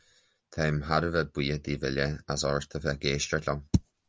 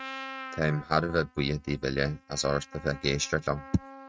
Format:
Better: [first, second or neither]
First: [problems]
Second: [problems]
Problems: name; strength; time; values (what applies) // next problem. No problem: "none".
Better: first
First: none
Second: noise reduction (neural mask model RNNoise)